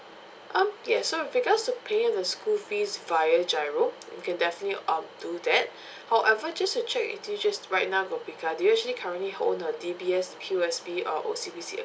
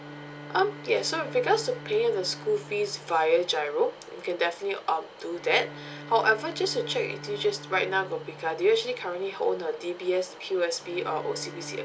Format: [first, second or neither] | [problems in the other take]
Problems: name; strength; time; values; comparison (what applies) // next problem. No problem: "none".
first | background sound (Bowed string instrument); 17 dB below the speech